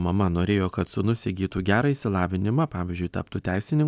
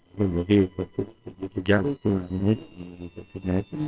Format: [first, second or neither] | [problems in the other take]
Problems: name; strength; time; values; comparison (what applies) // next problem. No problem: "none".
first | noise reduction (neural separator model SepFormer WHAMR!)